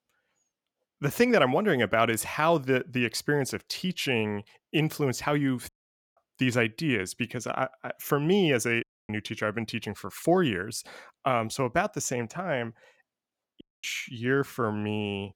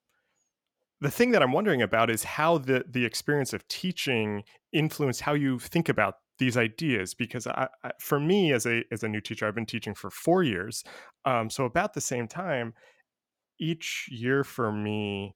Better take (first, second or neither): second